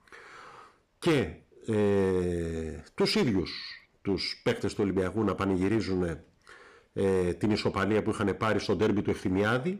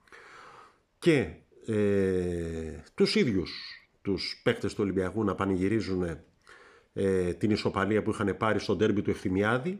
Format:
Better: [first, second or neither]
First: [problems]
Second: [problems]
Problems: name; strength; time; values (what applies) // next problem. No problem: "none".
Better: second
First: distortion; slight; 5% of the sound clipped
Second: none